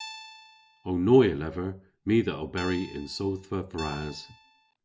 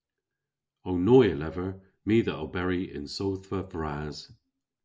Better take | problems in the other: second | background sound (Guitar); 17 dB below the speech

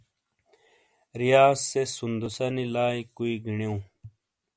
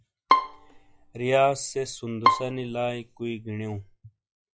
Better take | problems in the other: first | noise reduction (classical method log-MMSE)

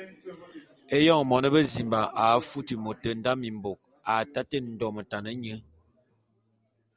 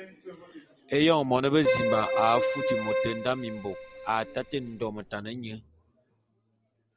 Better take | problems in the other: first | background sound (Keyboard (musical)); 1 dB below the speech

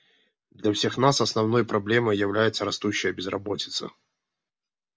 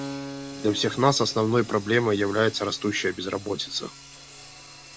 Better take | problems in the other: first | background sound (Keyboard (musical) + Sawing); 15 dB below the speech

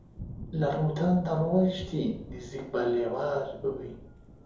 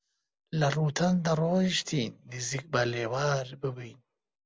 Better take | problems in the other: second | background sound (Thunder / Rain); 16 dB below the speech // room echo; dies away in 2.7 s

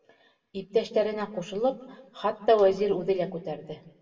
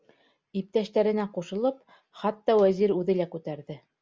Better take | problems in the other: second | room echo; dies away in 0.9 s

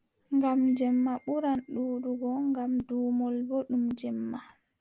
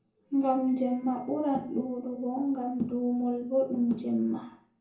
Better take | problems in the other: first | room echo; dies away in 0.6 s

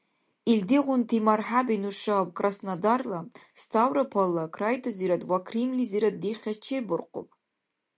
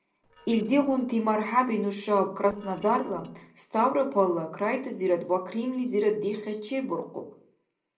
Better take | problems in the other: first | noise reduction (neural separator model SepFormer DNS4)

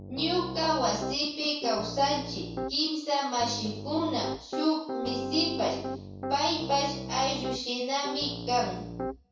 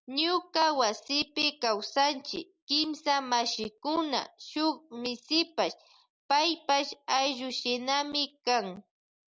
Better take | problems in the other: second | background sound (Piano); 7 dB below the speech // room echo; dies away in 0.6 s

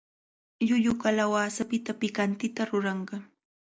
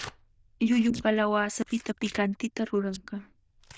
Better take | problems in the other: first | noise reduction (neural diffusion model UNIVERSE++)

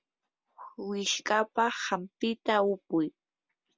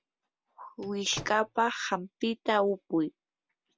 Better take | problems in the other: first | background sound (Slam / Microwave oven); 14 dB below the speech

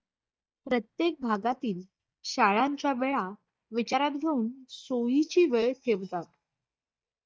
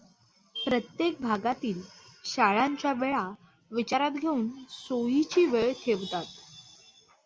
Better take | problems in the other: second | noise reduction (neural mask model DeepFilterNet 3)

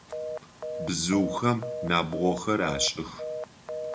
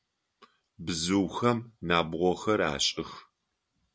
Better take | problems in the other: second | background sound (Telephone); 7 dB below the speech // room echo; dies away in 0.2 s

